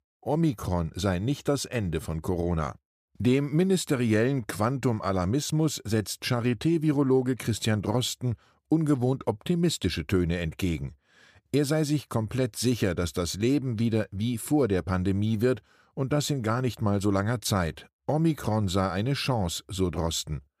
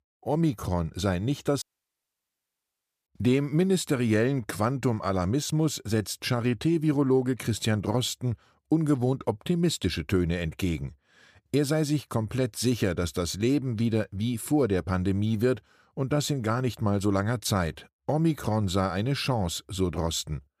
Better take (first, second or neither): first